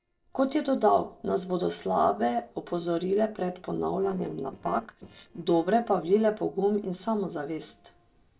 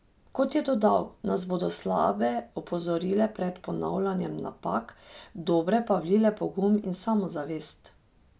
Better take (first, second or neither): second